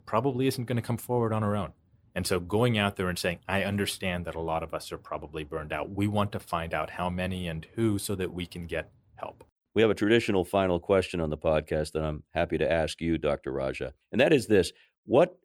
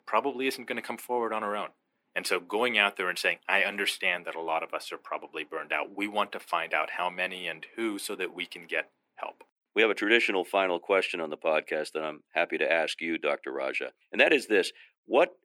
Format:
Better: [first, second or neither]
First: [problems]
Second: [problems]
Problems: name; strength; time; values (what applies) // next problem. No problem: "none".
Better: first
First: none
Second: thin; somewhat; fading below 250 Hz